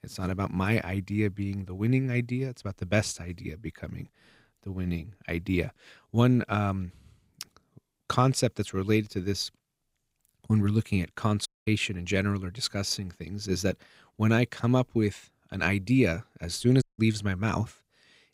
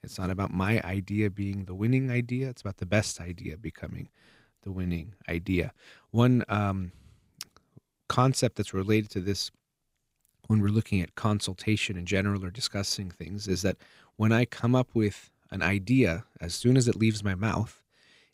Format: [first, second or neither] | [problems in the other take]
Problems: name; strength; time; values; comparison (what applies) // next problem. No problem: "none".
second | audio cutting out; at 11 s and at 17 s